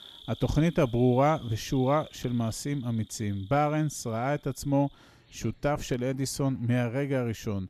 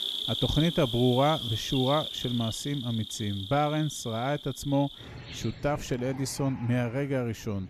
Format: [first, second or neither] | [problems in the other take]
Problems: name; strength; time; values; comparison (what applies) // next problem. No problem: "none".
first | animal sounds; loud; throughout; 6 dB below the speech; faint in the first